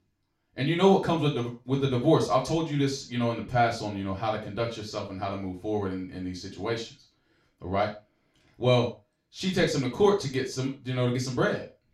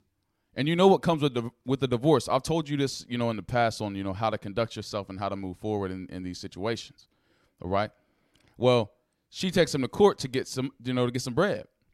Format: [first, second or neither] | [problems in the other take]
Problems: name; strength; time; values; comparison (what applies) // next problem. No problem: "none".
second | room echo; noticeable; dies away in 0.3 s // off-mic speech; far